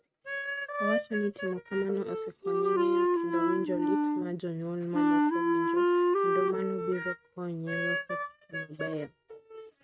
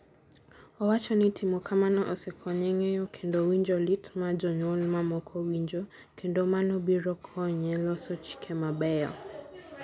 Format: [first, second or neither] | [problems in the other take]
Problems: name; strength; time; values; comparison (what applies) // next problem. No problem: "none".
second | noise reduction (neural mask model RNNoise)